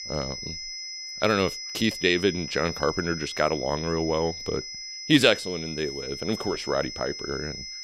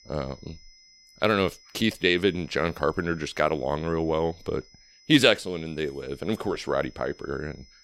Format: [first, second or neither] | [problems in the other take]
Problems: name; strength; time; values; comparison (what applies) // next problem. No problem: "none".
second | high-pitched whine; loud; throughout; 5 kHz, 8 dB below the speech; faint in the second